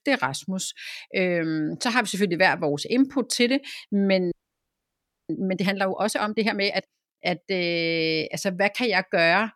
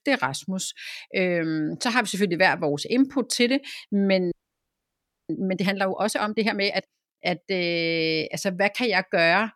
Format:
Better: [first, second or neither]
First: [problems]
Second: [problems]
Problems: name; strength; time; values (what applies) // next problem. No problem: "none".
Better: neither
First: audio freezing; at 4.5 s for 1 s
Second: audio freezing; at 4.5 s for 1 s